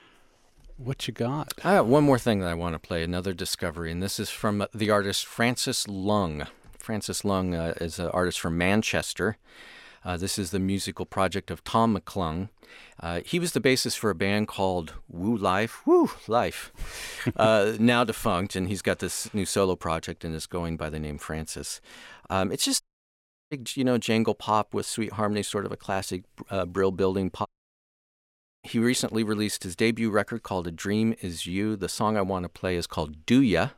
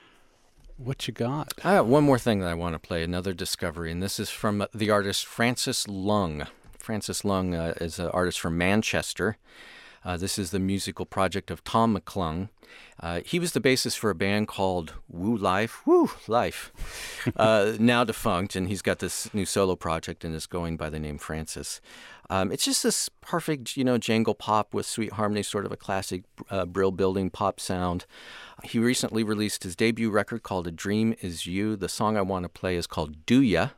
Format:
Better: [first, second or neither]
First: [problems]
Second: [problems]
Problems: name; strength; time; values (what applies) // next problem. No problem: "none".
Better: second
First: audio cutting out; at 23 s for 0.5 s and at 27 s for 1 s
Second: none